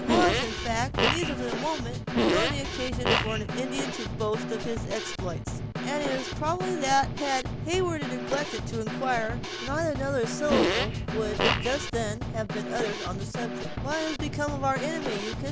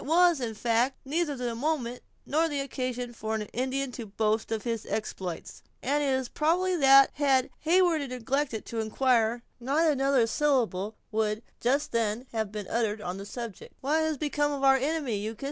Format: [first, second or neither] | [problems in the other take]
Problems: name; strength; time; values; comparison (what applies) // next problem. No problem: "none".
second | background sound (Snare drum / Drum kit + Fart); 1 dB above the speech